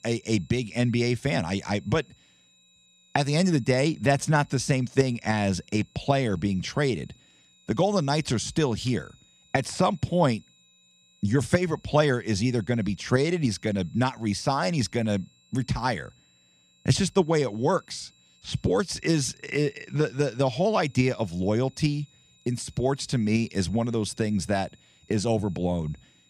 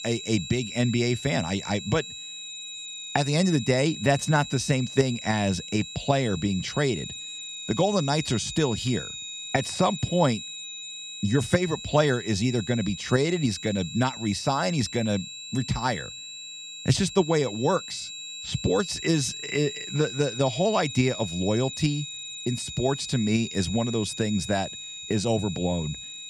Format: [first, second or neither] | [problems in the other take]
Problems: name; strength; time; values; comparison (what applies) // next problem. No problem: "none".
first | high-pitched whine; loud; throughout; 4 kHz, 9 dB below the speech; faint in the first